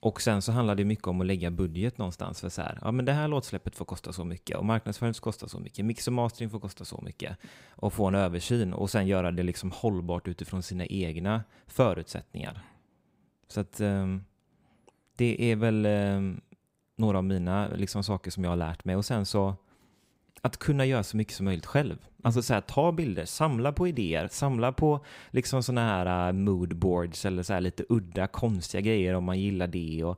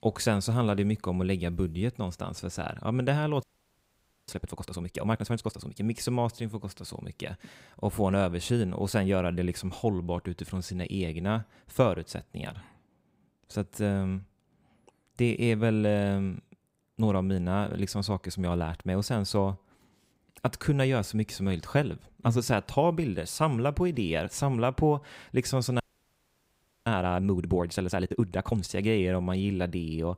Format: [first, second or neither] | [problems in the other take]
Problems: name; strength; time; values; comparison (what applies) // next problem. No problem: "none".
first | audio freezing; at 3.5 s for 1 s and at 26 s for 1 s